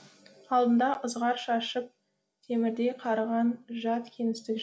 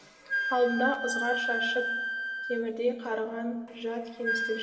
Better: first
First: none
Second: background sound (Wind instrument, woodwind instrument); 2 dB below the speech // room echo; dies away in 2.7 s

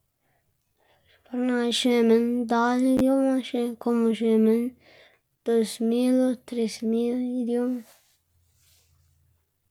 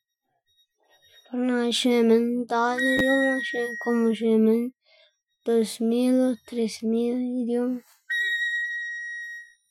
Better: first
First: none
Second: noise reduction (classical method Wiener filter)

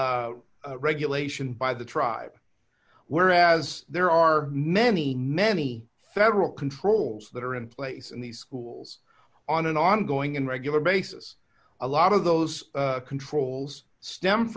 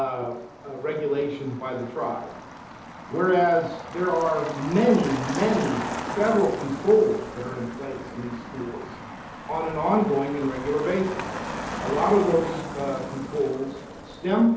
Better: first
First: none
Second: background sound (Motor vehicle (road)); 10 dB below the speech // room echo; dies away in 2.2 s

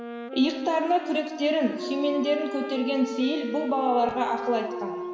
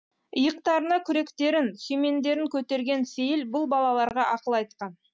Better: second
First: background sound (Wind instrument, woodwind instrument); 9 dB below the speech // room echo; dies away in 2.1 s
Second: none

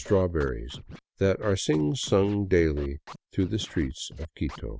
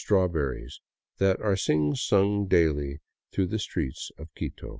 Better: second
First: background sound (Scratching (performance technique)); 19 dB below the speech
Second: none

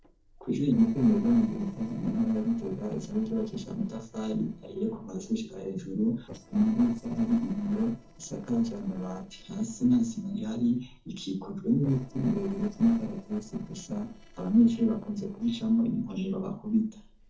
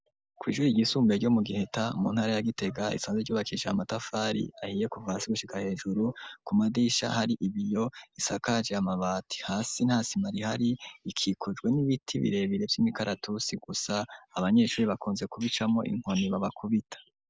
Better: second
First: noise reduction (neural separator model SepFormer DNS4)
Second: none

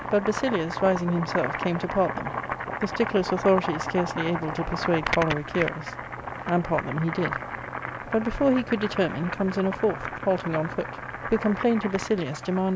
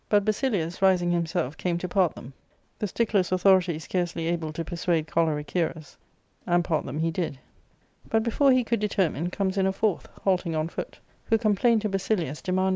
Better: second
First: background sound (Boiling); 6 dB below the speech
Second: none

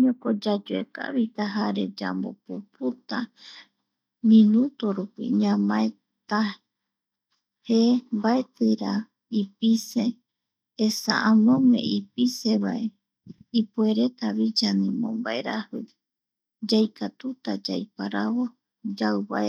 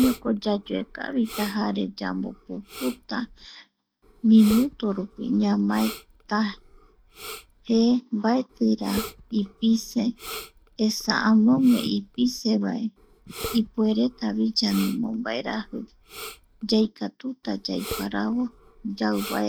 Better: first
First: none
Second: background sound (Respiratory sounds); 16 dB below the speech

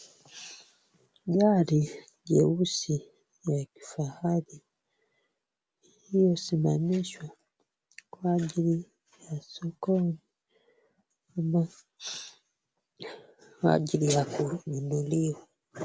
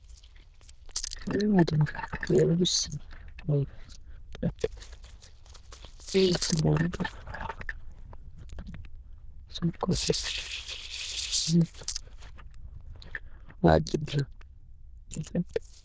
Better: first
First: none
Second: noise reduction (neural diffusion model UNIVERSE++)

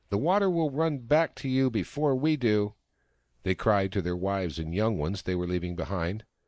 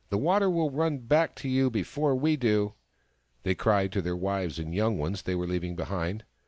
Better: second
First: noise reduction (neural mask model Resemble Enhance denoiser)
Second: none

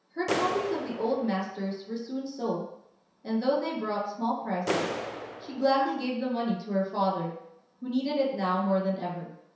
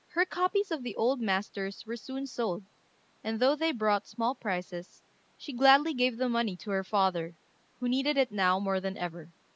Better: second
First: background sound (Clapping); 9 dB below the speech // room echo; dies away in 0.7 s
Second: none

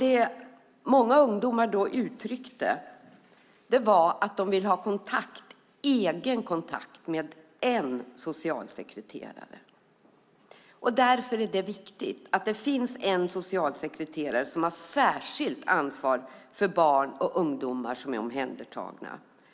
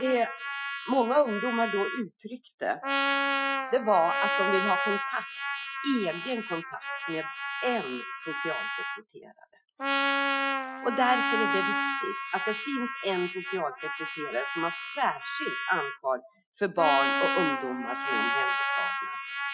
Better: first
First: none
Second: noise reduction (classical method Wiener filter)

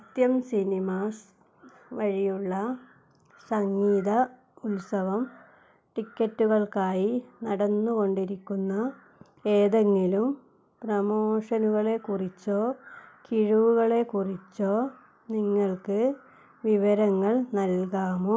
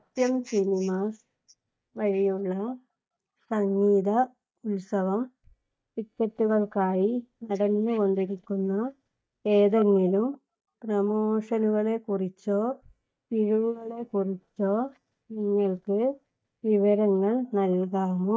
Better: first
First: none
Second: noise reduction (neural mask model DeepFilterNet 3)

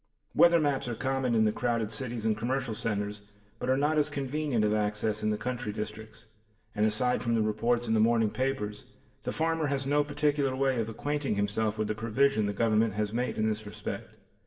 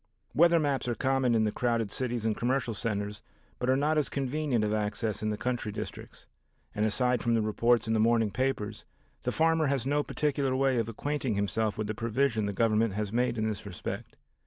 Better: second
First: room echo; dies away in 0.7 s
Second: none

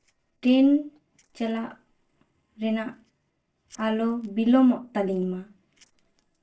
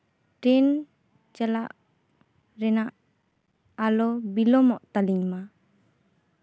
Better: second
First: noise reduction (neural separator model SepFormer DNS4)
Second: none

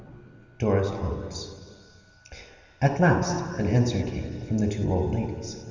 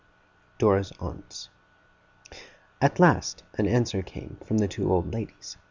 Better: second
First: room echo; dies away in 2.5 s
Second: none

